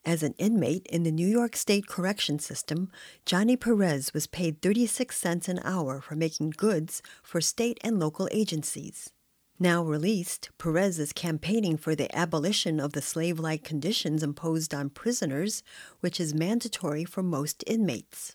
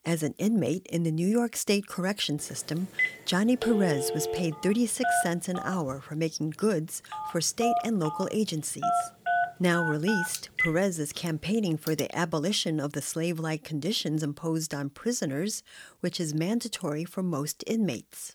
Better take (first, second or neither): first